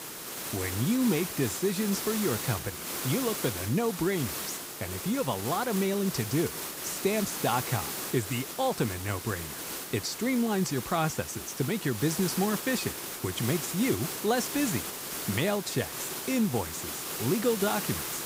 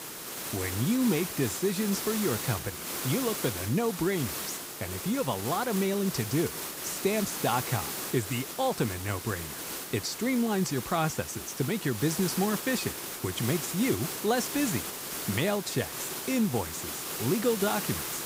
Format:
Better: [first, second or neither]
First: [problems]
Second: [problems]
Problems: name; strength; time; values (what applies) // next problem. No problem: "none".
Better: neither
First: hiss; loud; throughout; 4 dB below the speech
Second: hiss; loud; throughout; 4 dB below the speech